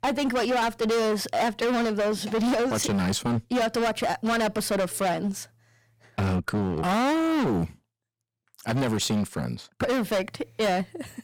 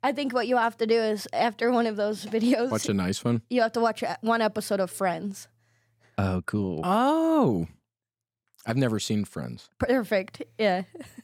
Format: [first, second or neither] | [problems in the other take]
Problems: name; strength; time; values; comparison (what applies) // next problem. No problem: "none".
second | distortion; heavy; 24% of the sound clipped